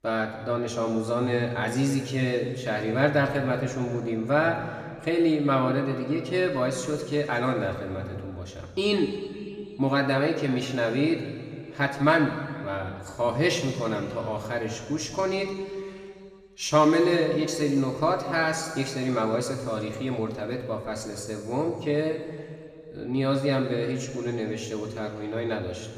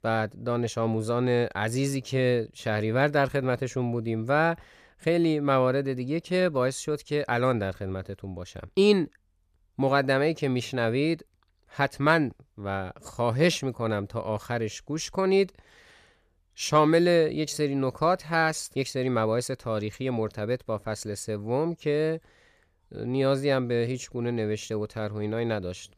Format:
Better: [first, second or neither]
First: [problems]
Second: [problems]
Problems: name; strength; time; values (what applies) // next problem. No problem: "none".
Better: second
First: room echo; noticeable; dies away in 2.1 s // off-mic speech; somewhat distant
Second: none